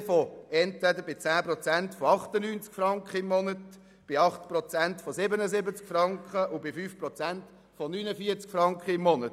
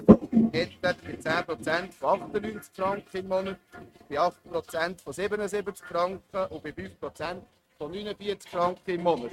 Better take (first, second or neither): first